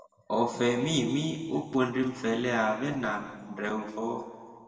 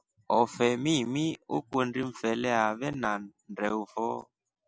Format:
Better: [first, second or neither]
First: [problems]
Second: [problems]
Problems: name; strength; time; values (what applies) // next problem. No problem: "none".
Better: second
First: room echo; dies away in 1.7 s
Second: none